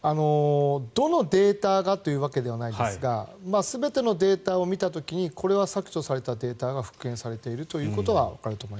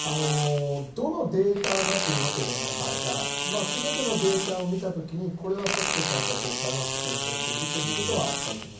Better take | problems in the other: first | background sound (Fart); 1 dB below the speech // room echo; dies away in 0.6 s

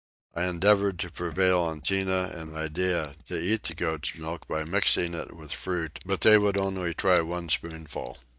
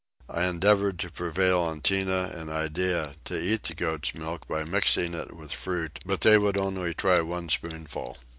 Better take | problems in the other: second | noise reduction (neural mask model DeepFilterNet 3)

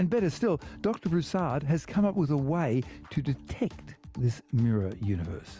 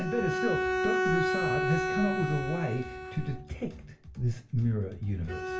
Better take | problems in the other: first | background sound (Bowed string instrument); 1 dB below the speech // room echo; dies away in 0.3 s

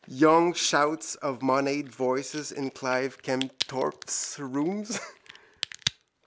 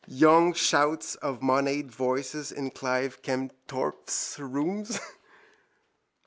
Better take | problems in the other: second | background sound (Crack); 14 dB below the speech

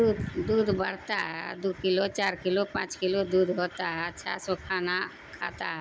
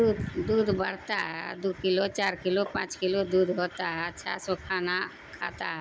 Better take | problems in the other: first | background sound (Tap); 19 dB below the speech

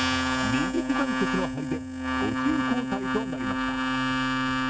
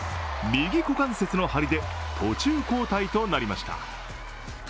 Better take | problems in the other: second | noise reduction (neural mask model RNNoise)

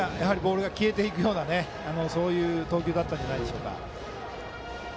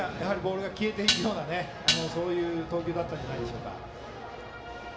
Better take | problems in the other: first | background sound (Dishes, pots, and pans); 2 dB above the speech // room echo; dies away in 0.8 s

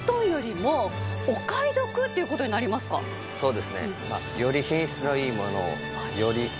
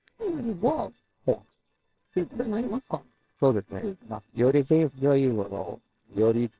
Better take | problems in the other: first | noise reduction (neural separator model SepFormer WHAMR!)

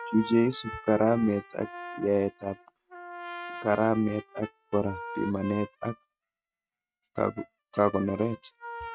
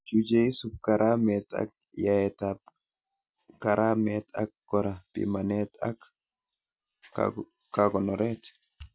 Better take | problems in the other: second | noise reduction (neural mask model RNNoise)

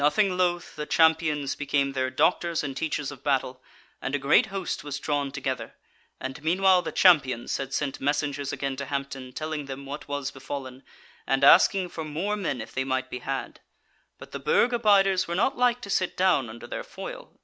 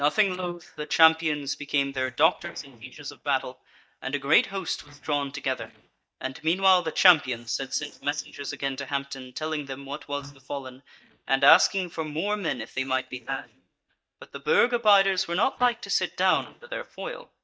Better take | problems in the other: first | noise reduction (neural mask model DeepFilterNet 3)

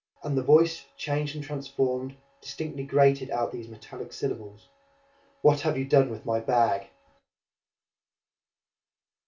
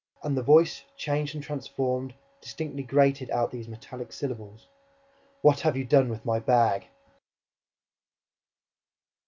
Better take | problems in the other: second | room echo; dies away in 0.2 s

